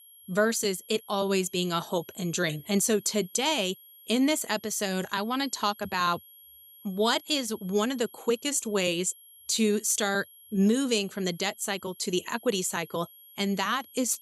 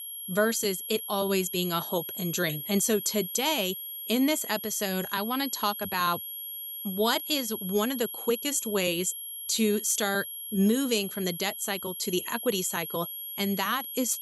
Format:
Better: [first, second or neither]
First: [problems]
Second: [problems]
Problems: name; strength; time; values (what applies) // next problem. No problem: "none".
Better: first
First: high-pitched whine; faint; throughout; 11.5 kHz, 20 dB below the speech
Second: high-pitched whine; loud; throughout; 11.5 kHz, 7 dB below the speech